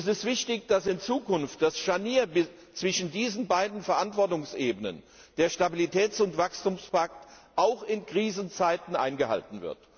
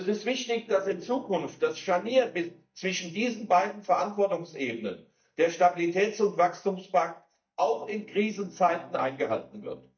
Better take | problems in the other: first | noise reduction (neural mask model DeepFilterNet 3)

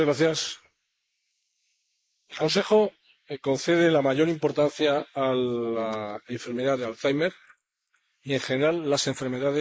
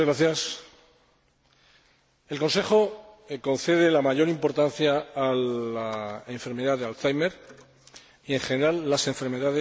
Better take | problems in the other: second | noise reduction (neural mask model Resemble Enhance denoiser)

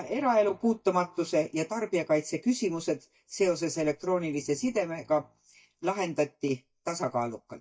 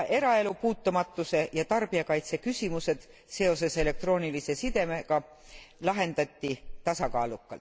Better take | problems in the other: second | noise reduction (neural mask model DeepFilterNet 3)

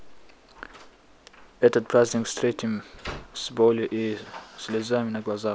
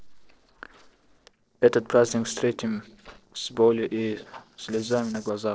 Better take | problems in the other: first | noise reduction (neural separator model SepFormer DNS4)

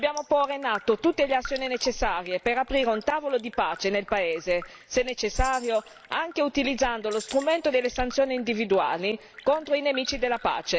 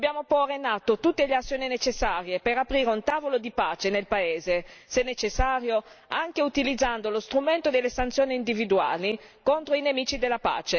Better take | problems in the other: second | background sound (Raindrop + Tambourine); 20 dB below the speech

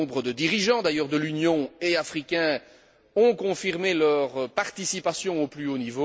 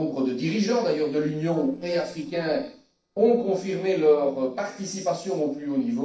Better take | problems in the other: first | noise reduction (neural separator model SepFormer DNS4)

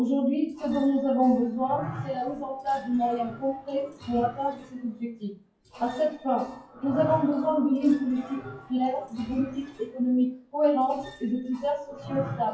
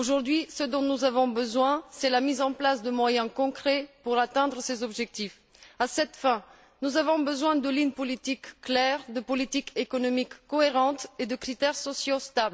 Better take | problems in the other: second | noise reduction (classical method WPE with log-MMSE)

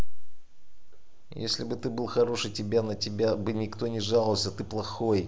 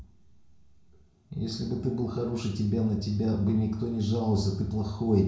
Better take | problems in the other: first | room echo; dies away in 0.6 s

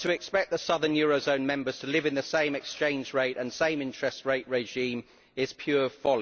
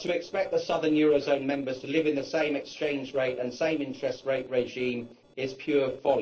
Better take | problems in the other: first | noise reduction (neural separator model SepFormer DNS4)

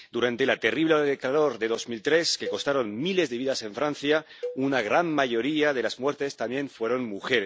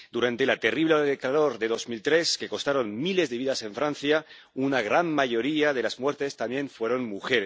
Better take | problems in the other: second | background sound (Cowbell); 17 dB below the speech

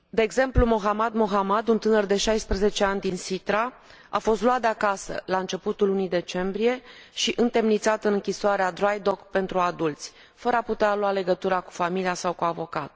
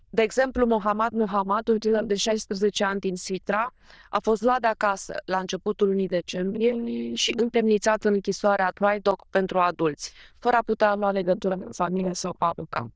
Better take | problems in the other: first | noise reduction (neural diffusion model UNIVERSE++)

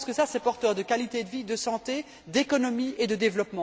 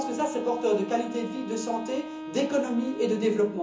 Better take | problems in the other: first | background sound (Wind instrument, woodwind instrument); 10 dB below the speech // room echo; dies away in 0.8 s

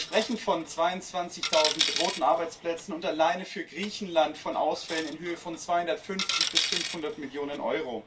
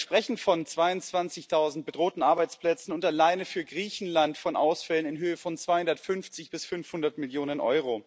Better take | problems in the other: second | background sound (Coin (dropping)); 5 dB below the speech // room echo; dies away in 0.2 s

